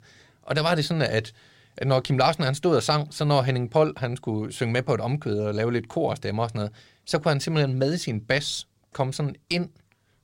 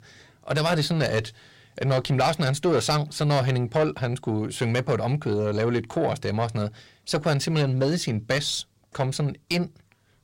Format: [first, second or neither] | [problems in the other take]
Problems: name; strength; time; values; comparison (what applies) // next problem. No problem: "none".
first | distortion; slight; 10 dB below the speech